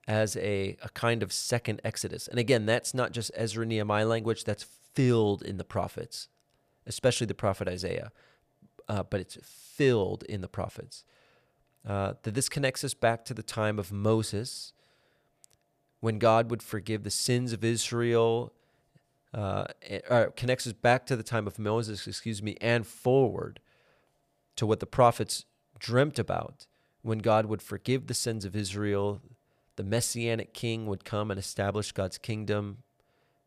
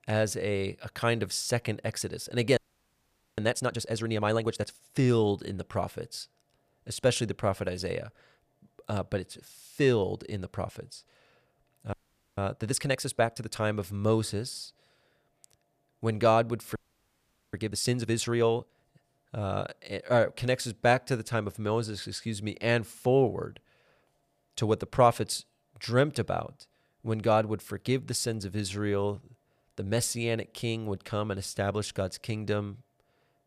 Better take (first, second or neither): first